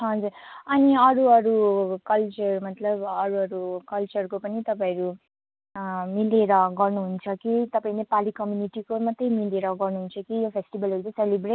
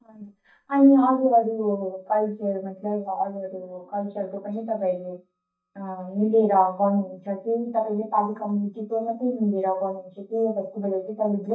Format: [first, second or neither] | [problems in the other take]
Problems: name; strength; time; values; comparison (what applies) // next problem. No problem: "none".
first | noise reduction (neural mask model DeepFilterNet 3)